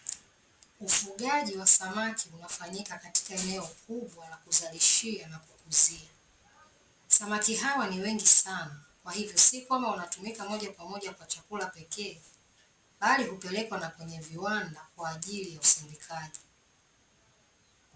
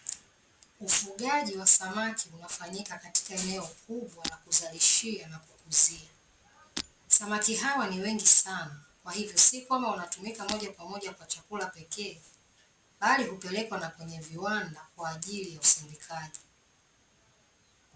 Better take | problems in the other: first | background sound (Shatter); 14 dB below the speech

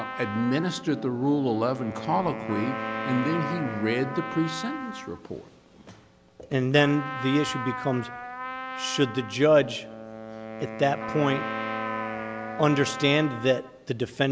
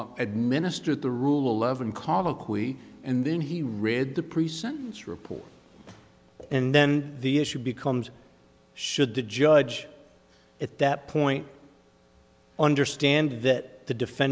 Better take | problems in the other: second | background sound (Trumpet + Wind instrument, woodwind instrument); 8 dB below the speech

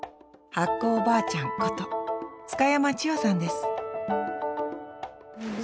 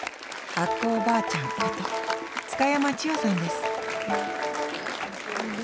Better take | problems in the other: first | background sound (Applause); 6 dB below the speech

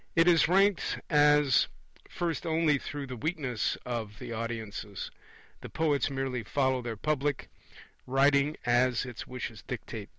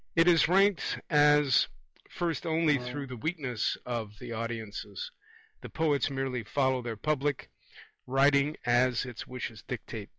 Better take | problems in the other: first | noise reduction (classical method log-MMSE)

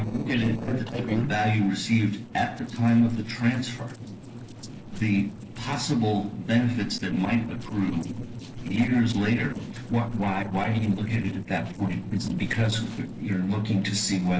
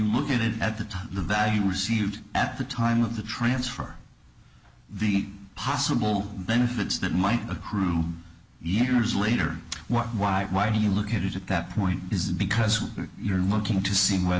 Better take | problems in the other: second | noise reduction (neural separator model SepFormer DNS4)

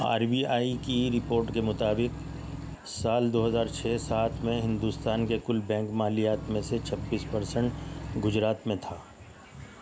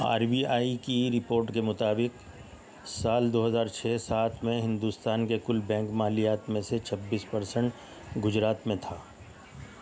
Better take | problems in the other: second | background sound (Engine / Truck / Car); 9 dB below the speech

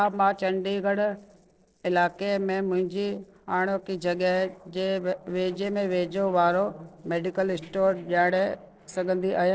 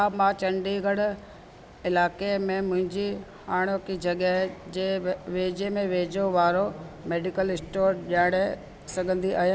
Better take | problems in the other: second | noise reduction (neural separator model SepFormer DNS4)

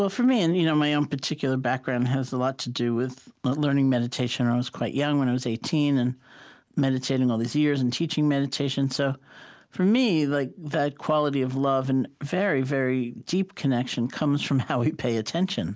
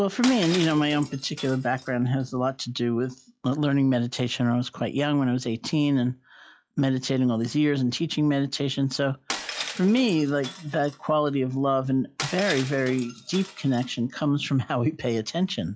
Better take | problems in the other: first | noise reduction (classical method log-MMSE)

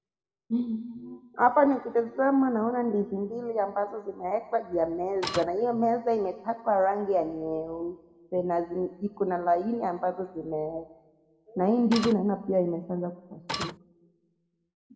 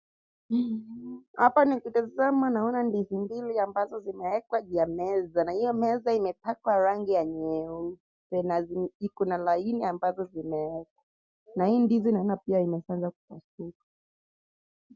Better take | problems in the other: second | background sound (Printer); 5 dB below the speech // room echo; dies away in 1.2 s

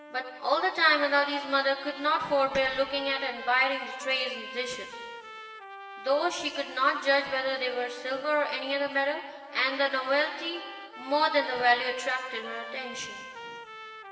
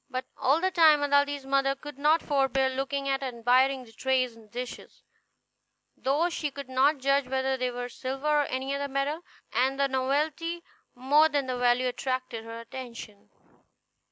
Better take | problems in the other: second | background sound (Trumpet); 15 dB below the speech // room echo; dies away in 1.9 s

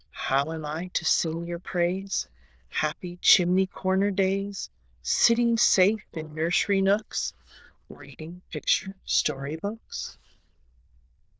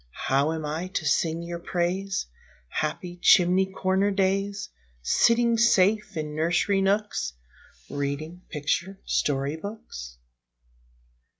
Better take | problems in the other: second | noise reduction (neural diffusion model UNIVERSE++)

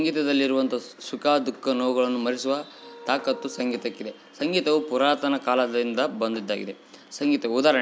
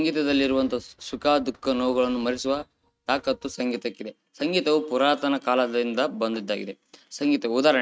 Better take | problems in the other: first | noise reduction (neural mask model RNNoise)

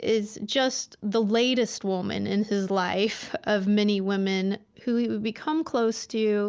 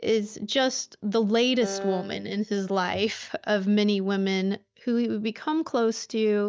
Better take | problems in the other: first | noise reduction (neural mask model DeepFilterNet 3)

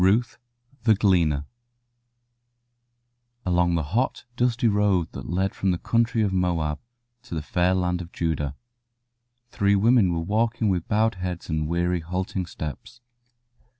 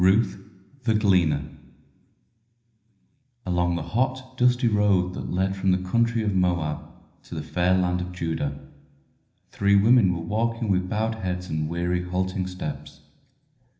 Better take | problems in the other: first | room echo; dies away in 0.8 s

